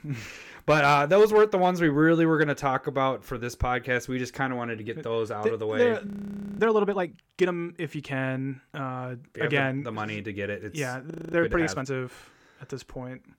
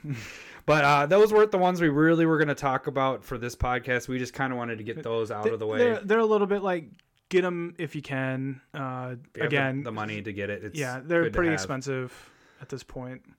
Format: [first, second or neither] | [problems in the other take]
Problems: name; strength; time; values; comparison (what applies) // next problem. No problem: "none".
second | audio freezing; at 6 s for 0.5 s and at 11 s